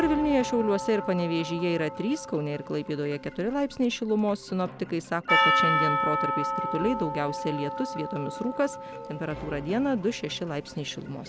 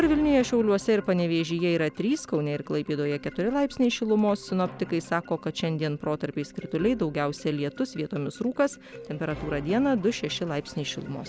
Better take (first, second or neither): second